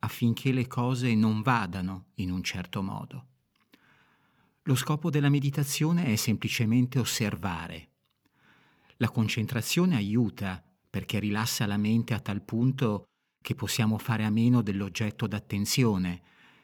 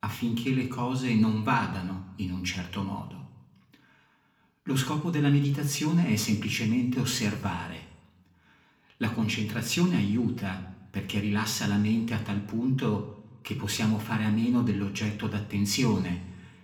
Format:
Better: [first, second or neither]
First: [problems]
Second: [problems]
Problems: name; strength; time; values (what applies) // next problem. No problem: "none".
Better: first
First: none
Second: room echo; slight; dies away in 0.6 s // off-mic speech; somewhat distant